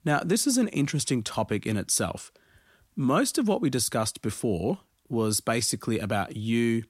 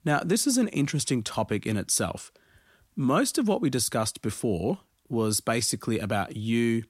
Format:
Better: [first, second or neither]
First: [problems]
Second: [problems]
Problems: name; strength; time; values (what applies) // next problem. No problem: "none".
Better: neither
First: none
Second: none